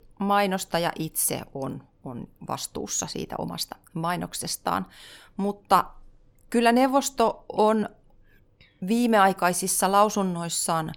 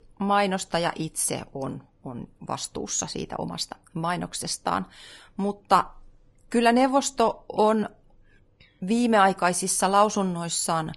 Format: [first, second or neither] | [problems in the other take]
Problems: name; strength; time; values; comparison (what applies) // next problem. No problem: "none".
first | garbled, watery; slightly; nothing above 10.5 kHz